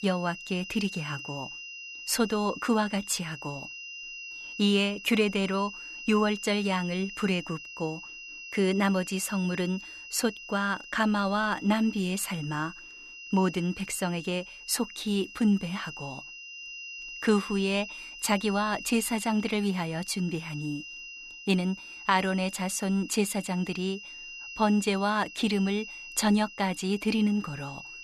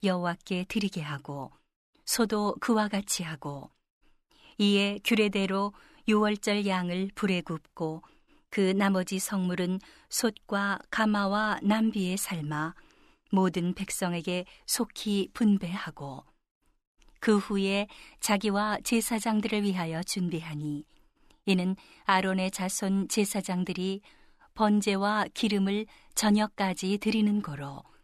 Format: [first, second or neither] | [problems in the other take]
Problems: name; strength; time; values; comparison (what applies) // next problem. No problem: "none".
second | high-pitched whine; noticeable; throughout; 3 kHz, 10 dB below the speech